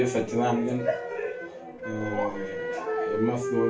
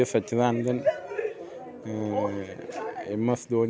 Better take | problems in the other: second | background sound (Wind instrument, woodwind instrument); 4 dB below the speech // room echo; dies away in 0.3 s

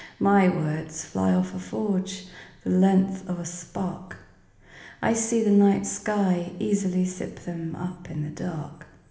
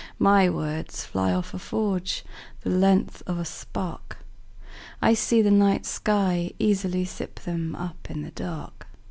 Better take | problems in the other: second | room echo; dies away in 1 s

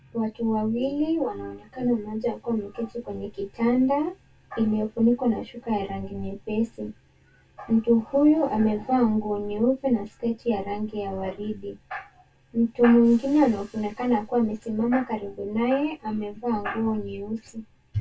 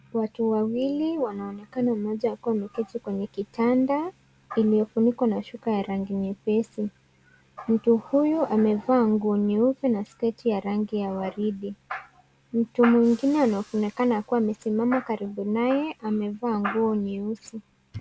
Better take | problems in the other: second | room echo; dies away in 0.1 s

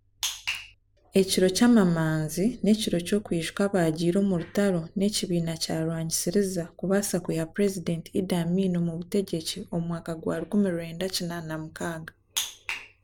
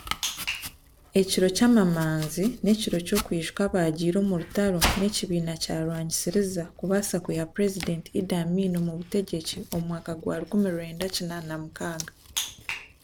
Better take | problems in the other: first | background sound (Domestic sounds, home sounds); 12 dB below the speech

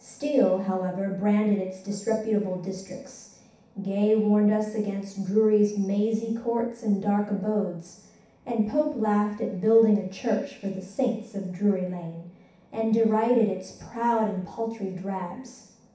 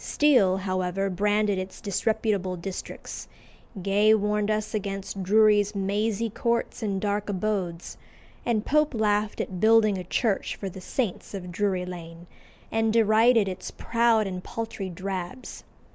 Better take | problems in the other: second | room echo; dies away in 0.7 s

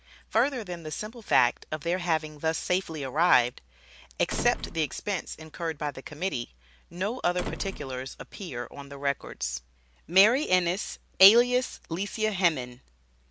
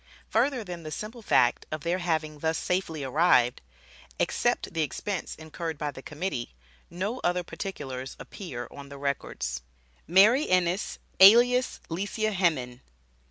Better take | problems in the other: second | background sound (Slam); 11 dB below the speech

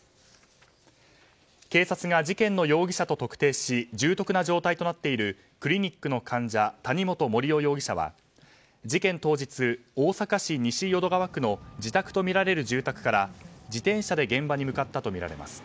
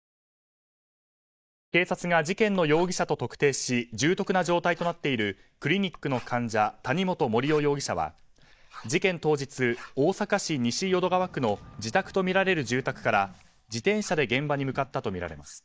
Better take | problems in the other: first | noise reduction (neural mask model DeepFilterNet 3)

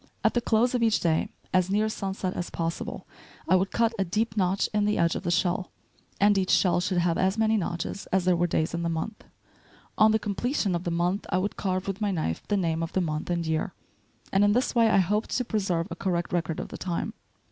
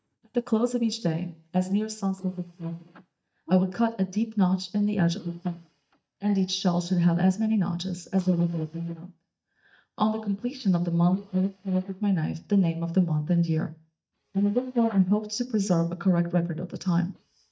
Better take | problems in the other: first | noise reduction (neural mask model DeepFilterNet 3)

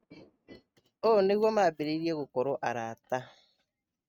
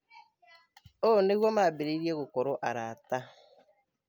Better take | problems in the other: second | noise reduction (neural mask model RNNoise)

